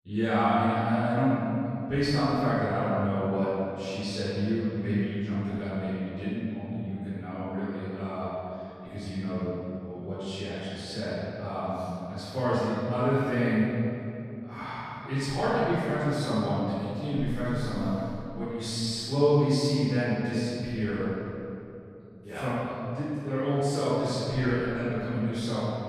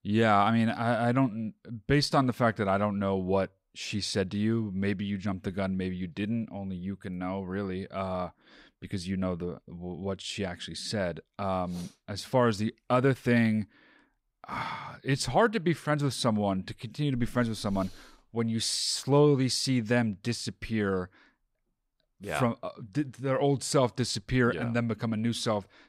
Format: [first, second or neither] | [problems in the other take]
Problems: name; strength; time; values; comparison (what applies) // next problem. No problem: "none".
second | off-mic speech; far // room echo; strong; dies away in 2.7 s